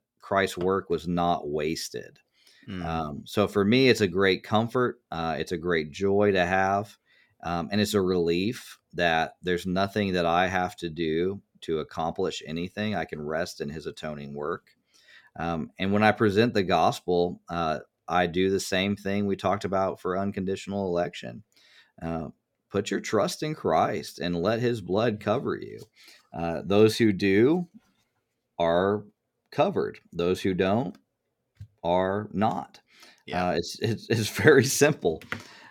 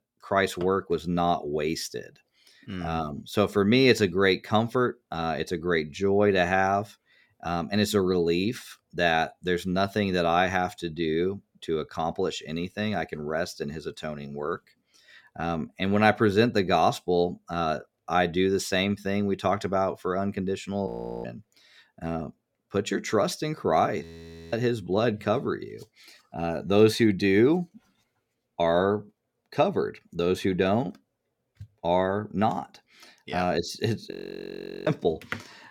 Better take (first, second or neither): first